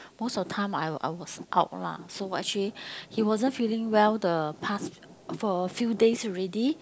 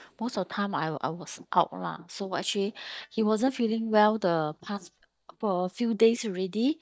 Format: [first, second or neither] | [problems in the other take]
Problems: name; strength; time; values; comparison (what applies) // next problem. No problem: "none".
first | noise reduction (neural mask model DeepFilterNet 3)